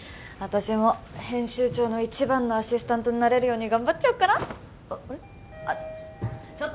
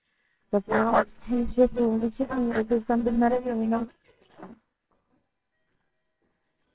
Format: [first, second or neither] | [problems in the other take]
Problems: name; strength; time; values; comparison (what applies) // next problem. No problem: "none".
first | noise reduction (neural separator model SepFormer WHAMR!)